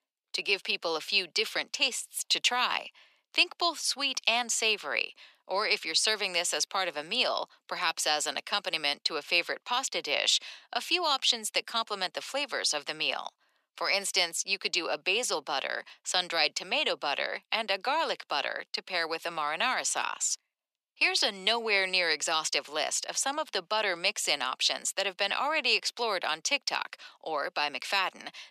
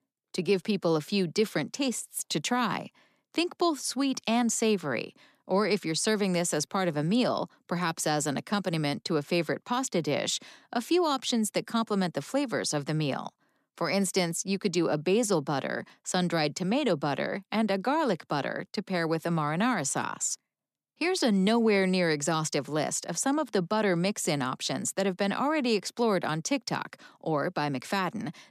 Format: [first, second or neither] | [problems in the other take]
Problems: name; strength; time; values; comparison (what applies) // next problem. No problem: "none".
second | thin; very; fading below 700 Hz